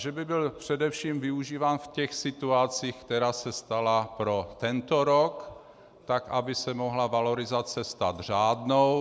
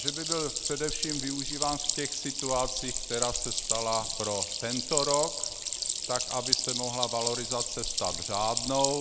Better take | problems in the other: first | background sound (Stream); 1 dB above the speech

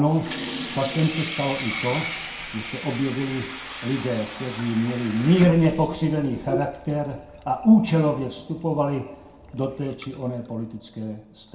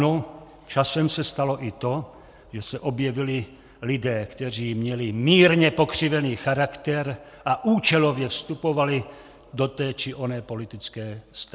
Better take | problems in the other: second | background sound (Sink (filling or washing) / Water tap, faucet); 12 dB below the speech // room echo; dies away in 0.5 s

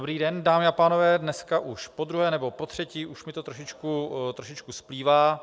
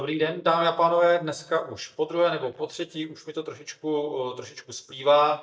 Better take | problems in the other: first | noise reduction (neural mask model DeepFilterNet 3)

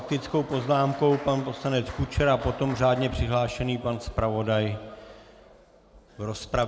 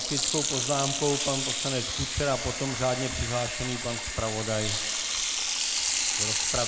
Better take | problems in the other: first | background sound (Sink (filling or washing) / Water tap, faucet); 2 dB above the speech

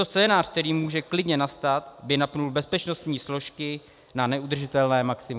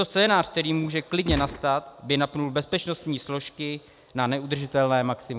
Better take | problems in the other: first | background sound (Gunshot, gunfire); 7 dB below the speech

